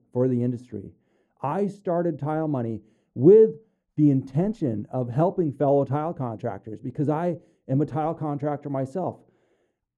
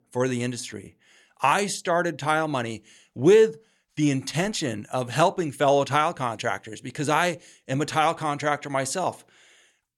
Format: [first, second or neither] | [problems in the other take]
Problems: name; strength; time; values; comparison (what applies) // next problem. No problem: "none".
second | muffled; very; fading above 1 kHz